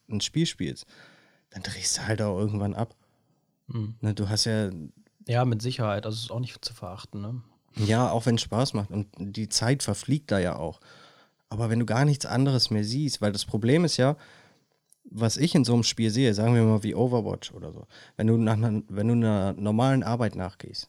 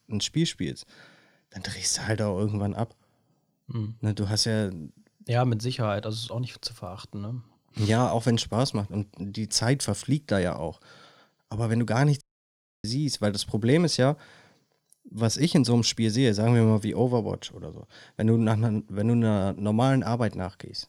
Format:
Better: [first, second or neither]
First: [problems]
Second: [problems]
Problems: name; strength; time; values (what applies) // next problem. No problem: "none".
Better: first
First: none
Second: audio cutting out; at 12 s for 0.5 s